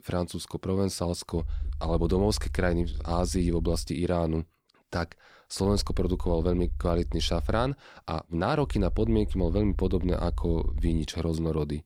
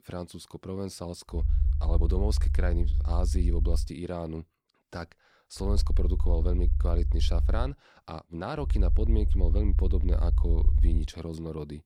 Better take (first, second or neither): first